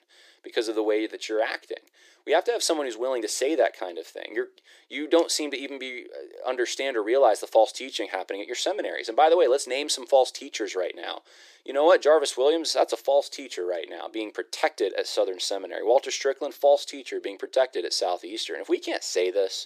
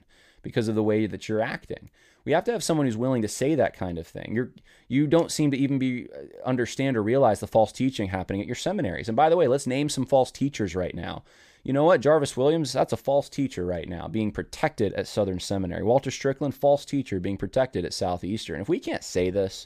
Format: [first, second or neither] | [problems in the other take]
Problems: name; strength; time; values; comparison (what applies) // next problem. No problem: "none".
second | thin; very; fading below 350 Hz